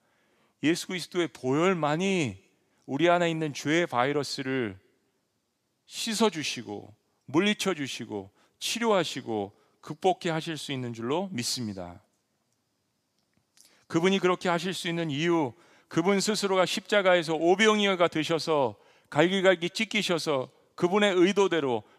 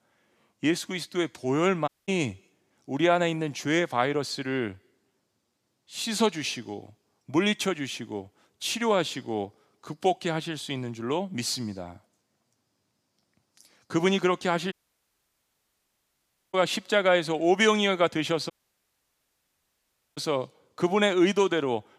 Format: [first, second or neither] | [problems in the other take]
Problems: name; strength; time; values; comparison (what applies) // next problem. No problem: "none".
first | audio cutting out; at 2 s, at 15 s for 2 s and at 19 s for 1.5 s